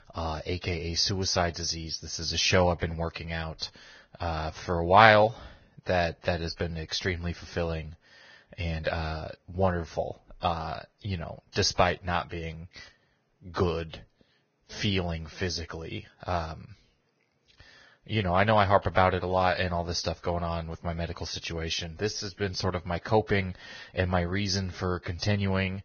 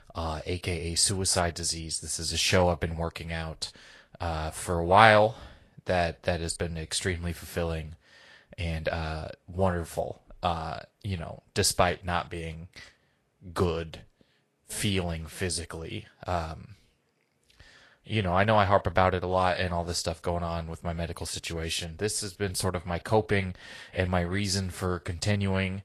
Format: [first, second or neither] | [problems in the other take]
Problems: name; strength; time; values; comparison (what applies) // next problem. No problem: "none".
second | garbled, watery; badly; nothing above 6.5 kHz; slightly in the second